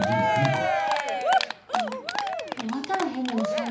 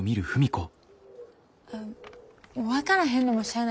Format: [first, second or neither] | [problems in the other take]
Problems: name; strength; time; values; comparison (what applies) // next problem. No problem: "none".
second | background sound (Cheering); 5 dB above the speech // room echo; dies away in 0.7 s